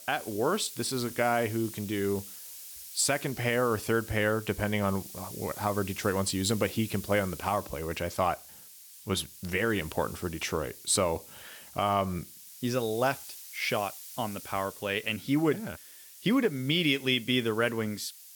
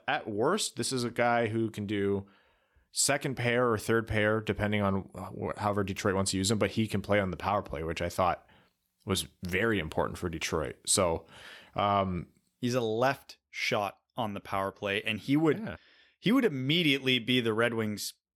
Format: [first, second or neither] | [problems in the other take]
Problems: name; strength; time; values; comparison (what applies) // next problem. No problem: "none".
second | hiss; noticeable; throughout; 15 dB below the speech